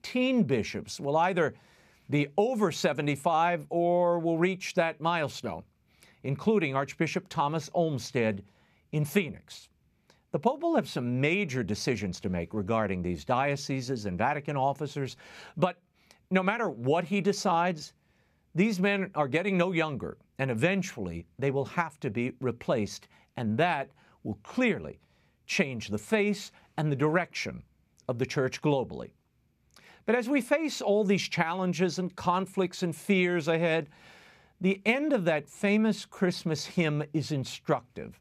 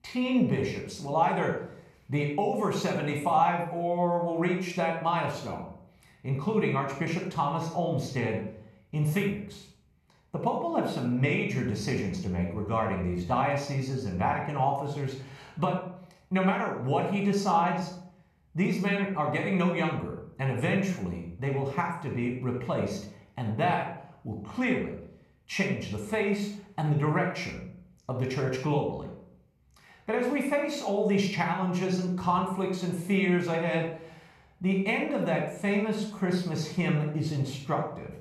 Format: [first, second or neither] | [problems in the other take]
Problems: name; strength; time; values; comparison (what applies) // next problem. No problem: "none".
first | off-mic speech; somewhat distant // room echo; noticeable; dies away in 0.5 s